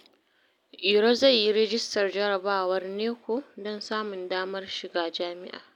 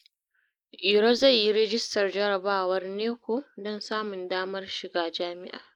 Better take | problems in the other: first | noise reduction (neural mask model Resemble Enhance denoiser)

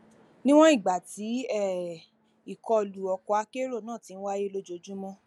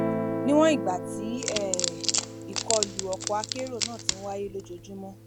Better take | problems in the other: first | background sound (Guitar + Wood); 1 dB below the speech

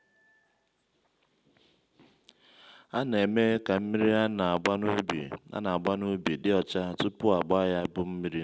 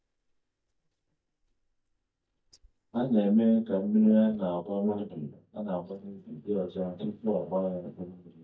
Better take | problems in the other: first | noise reduction (neural mask model DeepFilterNet 3)

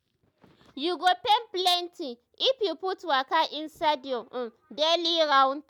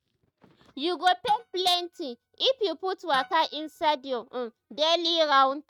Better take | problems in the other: first | noise reduction (neural mask model RNNoise)

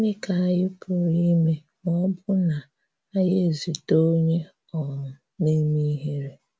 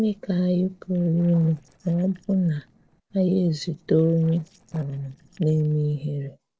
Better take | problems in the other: first | noise reduction (neural separator model SepFormer DNS4)

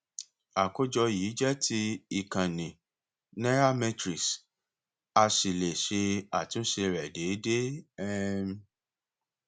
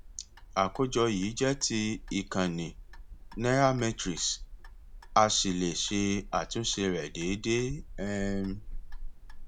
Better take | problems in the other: first | background sound (Clock); 12 dB below the speech

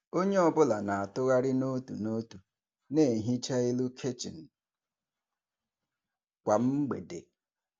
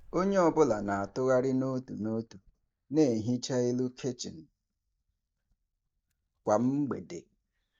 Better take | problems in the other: first | noise reduction (neural mask model DeepFilterNet 3)

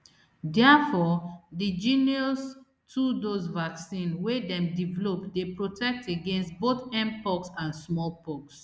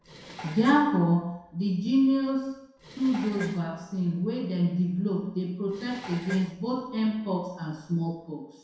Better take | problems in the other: first | background sound (Dishes, pots, and pans); 19 dB below the speech // room echo; dies away in 0.7 s

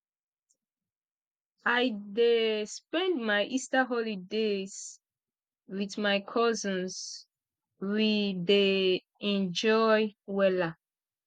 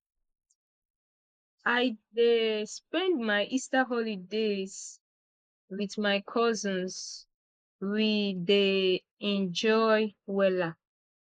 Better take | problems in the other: first | noise reduction (neural mask model Resemble Enhance denoiser)

